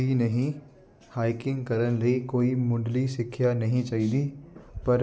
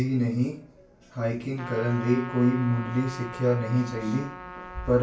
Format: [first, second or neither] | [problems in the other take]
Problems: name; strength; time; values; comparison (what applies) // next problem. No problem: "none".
first | background sound (Trumpet); 14 dB below the speech // room echo; dies away in 0.3 s